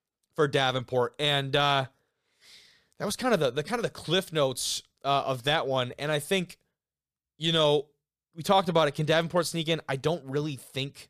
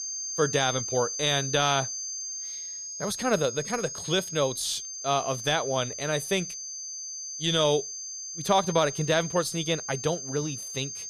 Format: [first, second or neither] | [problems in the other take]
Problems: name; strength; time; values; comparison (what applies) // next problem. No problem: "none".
first | high-pitched whine; loud; throughout; 6 kHz, 6 dB below the speech